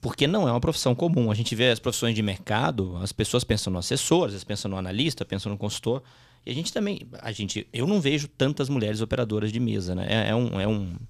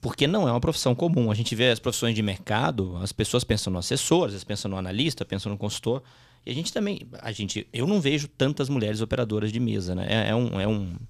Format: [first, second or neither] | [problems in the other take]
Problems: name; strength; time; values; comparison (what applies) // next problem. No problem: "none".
neither | none